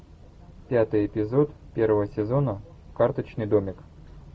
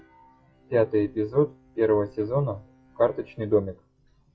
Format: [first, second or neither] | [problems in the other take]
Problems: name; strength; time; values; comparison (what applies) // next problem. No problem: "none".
first | noise reduction (classical method log-MMSE)